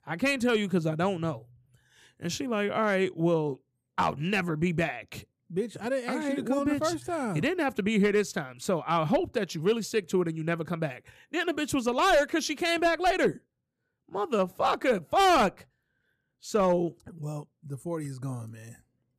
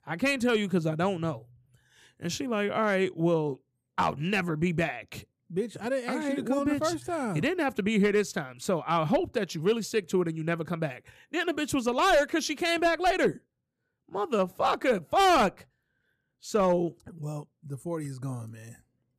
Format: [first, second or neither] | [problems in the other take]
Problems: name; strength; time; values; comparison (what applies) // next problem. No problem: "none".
neither | none